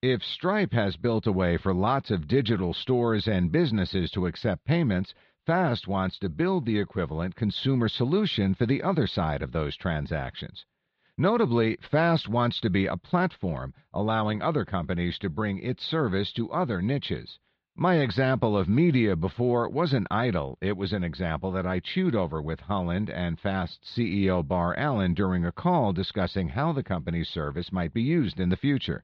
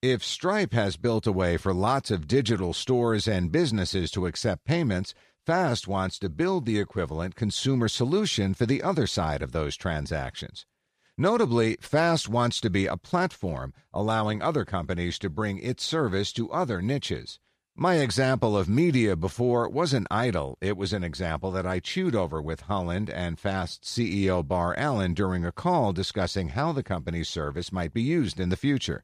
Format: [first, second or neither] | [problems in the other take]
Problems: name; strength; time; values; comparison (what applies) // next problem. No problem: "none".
second | muffled; very slightly; fading above 4 kHz